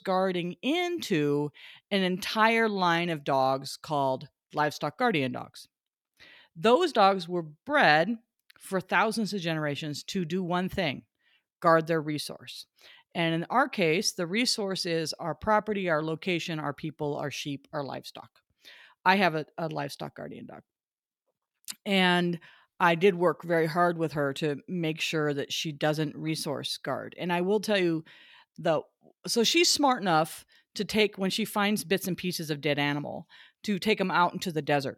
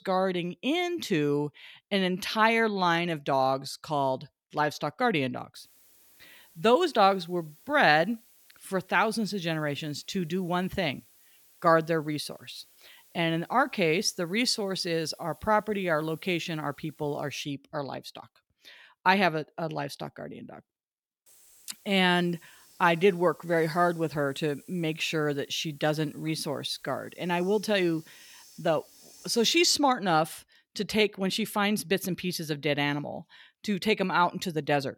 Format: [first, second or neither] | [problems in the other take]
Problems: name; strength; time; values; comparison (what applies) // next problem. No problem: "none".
first | hiss; faint; from 5.5 to 17 s and from 21 to 30 s; 25 dB below the speech